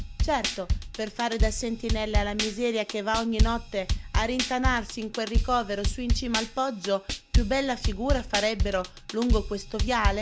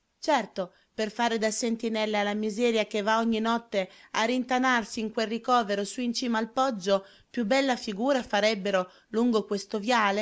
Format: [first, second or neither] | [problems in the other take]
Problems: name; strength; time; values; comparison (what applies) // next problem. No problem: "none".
second | background sound (Drum kit); 1 dB above the speech